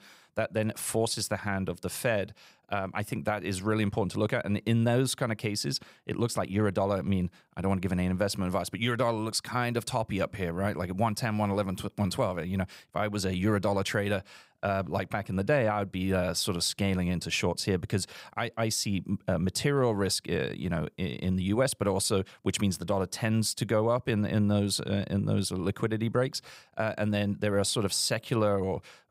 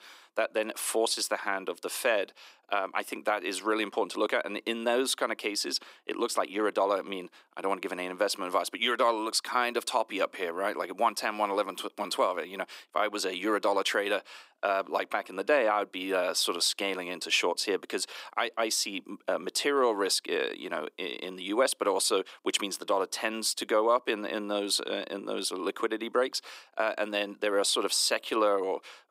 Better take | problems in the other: first | thin; very; fading below 300 Hz

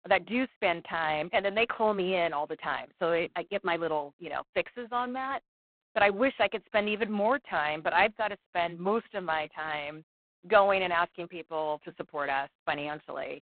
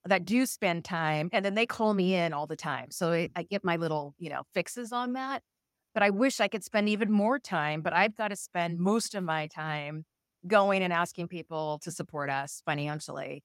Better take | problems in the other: second | phone-call audio; poor line; nothing above 4 kHz

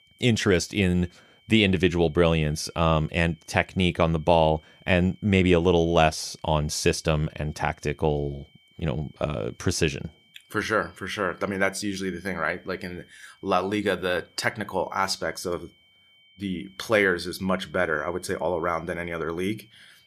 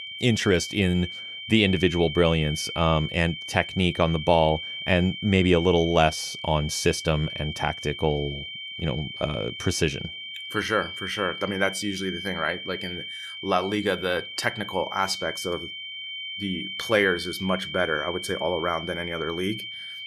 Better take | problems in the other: first | high-pitched whine; loud; throughout; 3 kHz, 8 dB below the speech; faint in the first

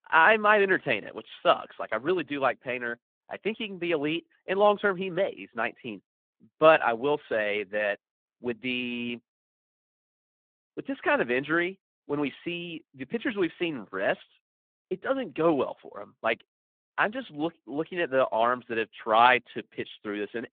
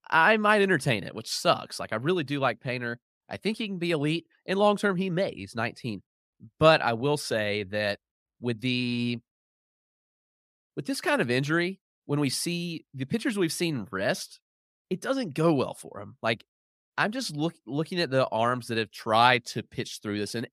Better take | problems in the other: second | phone-call audio

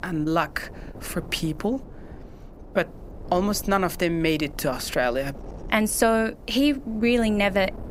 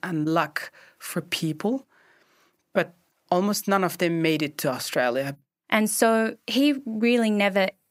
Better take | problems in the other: second | wind noise on the microphone; occasional gusts; 20 dB below the speech

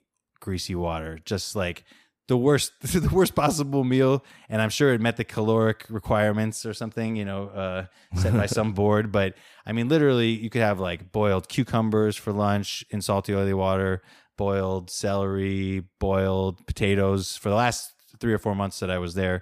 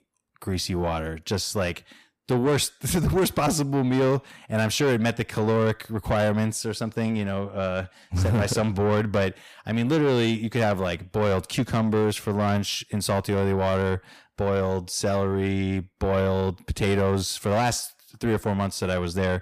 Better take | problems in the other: first | distortion; slight; 10 dB below the speech

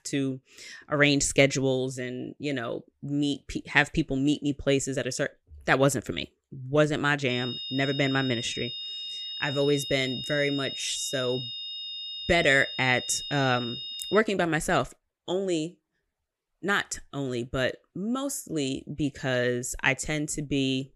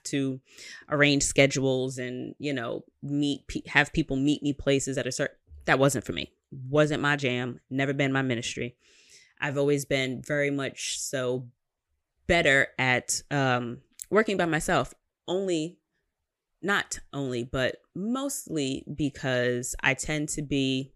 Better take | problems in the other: second | high-pitched whine; loud; from 7.5 to 14 s; 3.5 kHz, 7 dB below the speech

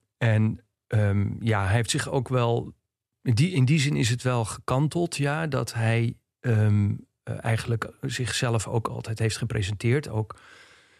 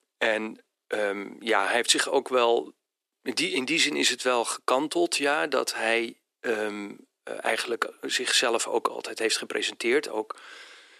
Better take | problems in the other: first | thin; very; fading below 300 Hz

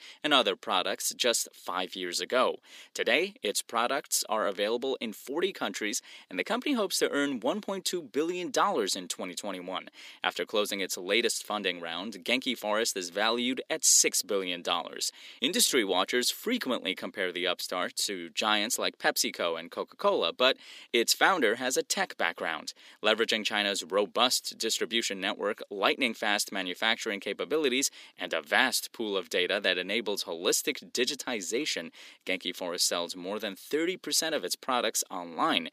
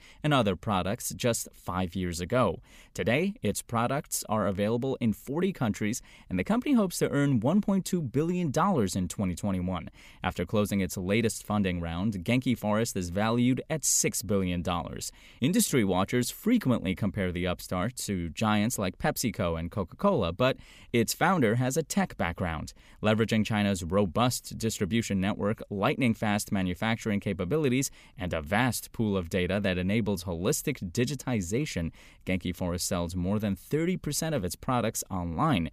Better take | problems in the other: second | thin; somewhat; fading below 300 Hz

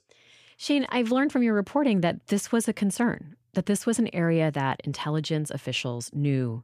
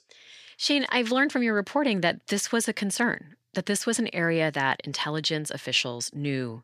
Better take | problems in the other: first | thin; very slightly; fading below 300 Hz

